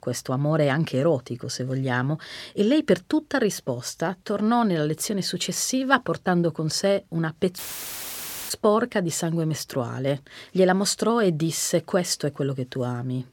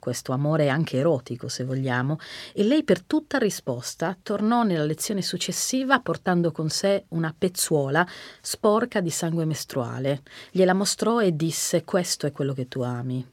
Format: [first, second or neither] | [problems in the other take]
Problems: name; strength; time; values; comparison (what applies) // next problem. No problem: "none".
second | audio cutting out; filled with static; at 7.5 s for 1 s